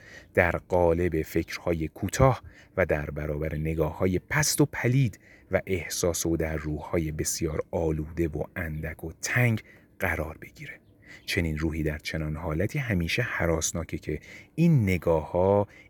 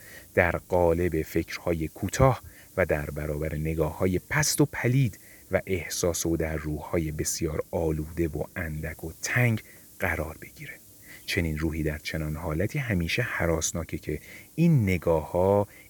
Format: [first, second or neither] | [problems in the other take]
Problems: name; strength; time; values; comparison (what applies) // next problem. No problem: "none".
first | hiss; faint; throughout; 20 dB below the speech